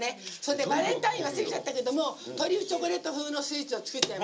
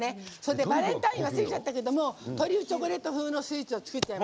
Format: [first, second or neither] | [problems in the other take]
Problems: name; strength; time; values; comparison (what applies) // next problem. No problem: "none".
second | room echo; dies away in 0.2 s